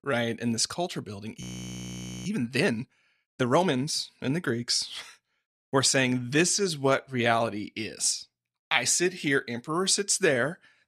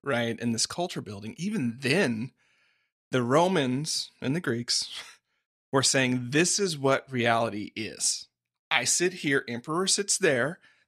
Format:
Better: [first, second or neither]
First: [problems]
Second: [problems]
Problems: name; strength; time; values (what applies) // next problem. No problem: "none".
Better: second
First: audio freezing; at 1.5 s for 1 s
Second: none